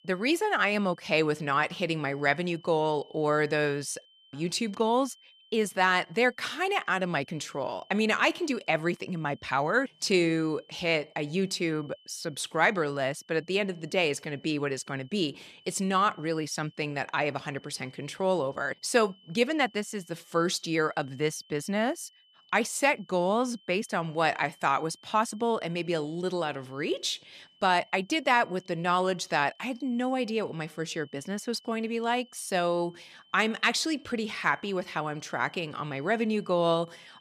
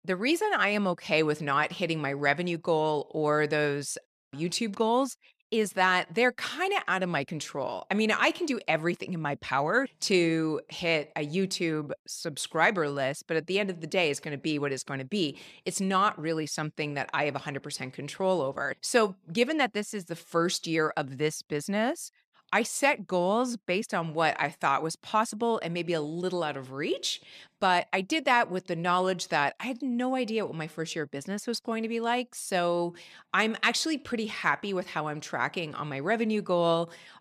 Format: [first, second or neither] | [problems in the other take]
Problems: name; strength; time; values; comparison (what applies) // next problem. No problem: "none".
second | high-pitched whine; faint; throughout; 3 kHz, 30 dB below the speech